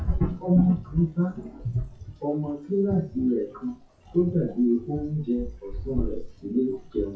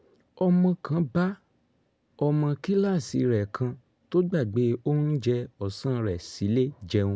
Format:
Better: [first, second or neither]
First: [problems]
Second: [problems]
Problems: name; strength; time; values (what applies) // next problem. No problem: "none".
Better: second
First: noise reduction (classical method WPE with log-MMSE)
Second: none